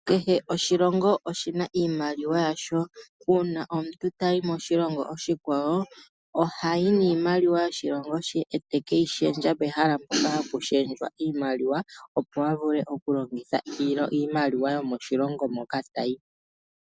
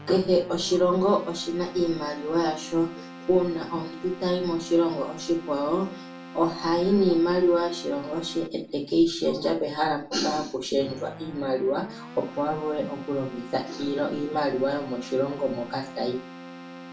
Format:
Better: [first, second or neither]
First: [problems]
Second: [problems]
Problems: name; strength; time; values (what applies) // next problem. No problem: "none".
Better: first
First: none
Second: background sound (Keyboard (musical)); 16 dB below the speech // room echo; dies away in 0.3 s